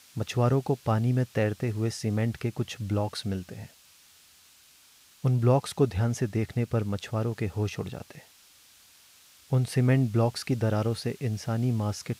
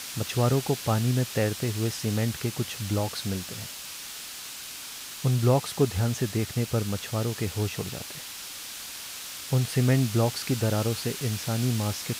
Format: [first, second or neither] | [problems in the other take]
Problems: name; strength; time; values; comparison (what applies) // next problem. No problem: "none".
first | hiss; loud; throughout; 8 dB below the speech; faint in the first